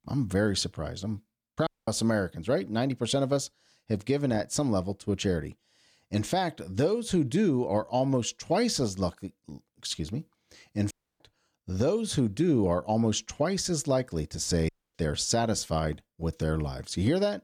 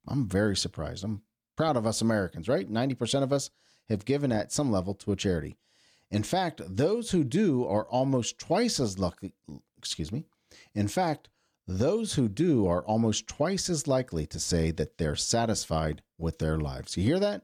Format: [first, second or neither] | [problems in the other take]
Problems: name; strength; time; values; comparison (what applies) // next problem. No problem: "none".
second | audio cutting out; at 1.5 s, at 11 s and at 15 s